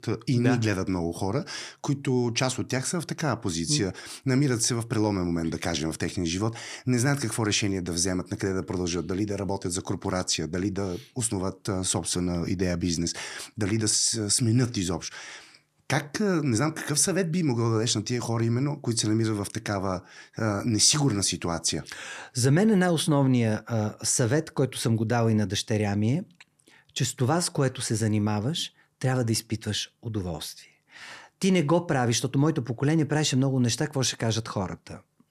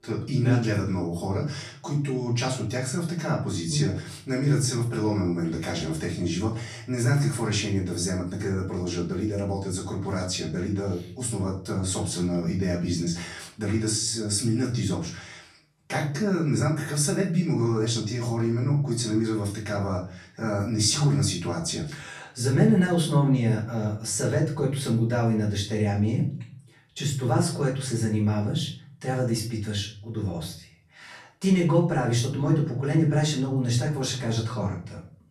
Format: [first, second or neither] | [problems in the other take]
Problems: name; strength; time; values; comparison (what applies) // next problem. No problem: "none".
first | off-mic speech; far // room echo; slight; dies away in 0.4 s